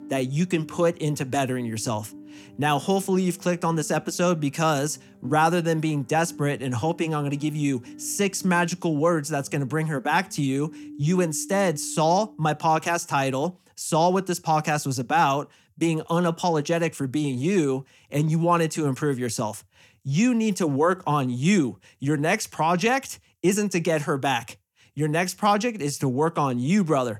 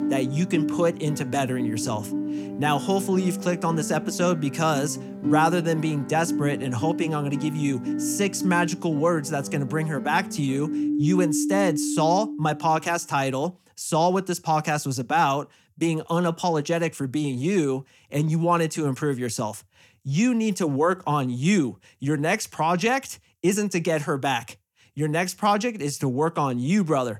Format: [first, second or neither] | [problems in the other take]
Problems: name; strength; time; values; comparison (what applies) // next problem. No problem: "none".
first | background music; loud; until 12 s; 6 dB below the speech; faint in the first